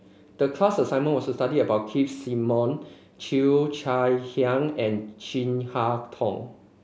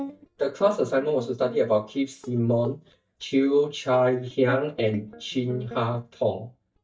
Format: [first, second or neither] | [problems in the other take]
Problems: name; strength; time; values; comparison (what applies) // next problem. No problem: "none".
first | noise reduction (neural mask model DeepFilterNet 3)